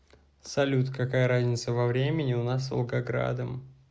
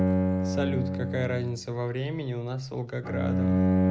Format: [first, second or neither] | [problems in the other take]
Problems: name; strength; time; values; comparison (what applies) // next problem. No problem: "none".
first | background sound (Bowed string instrument); 4 dB above the speech